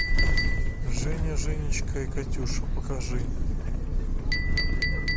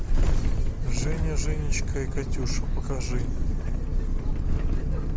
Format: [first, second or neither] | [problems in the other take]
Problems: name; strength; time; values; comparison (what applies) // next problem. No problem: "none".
second | background sound (Chink, clink); 11 dB below the speech